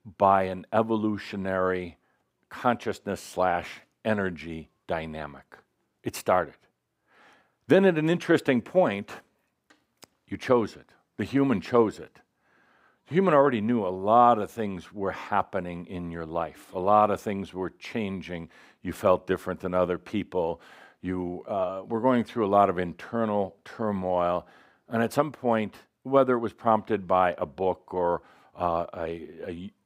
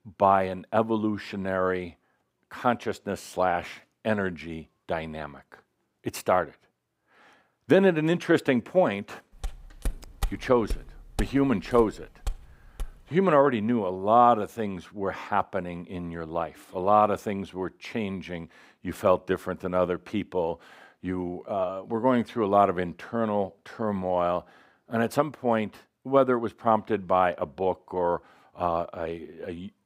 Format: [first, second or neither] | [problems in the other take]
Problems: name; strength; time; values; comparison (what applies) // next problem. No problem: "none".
first | footsteps; noticeable; from 9.5 to 13 s; peak 9 dB below the speech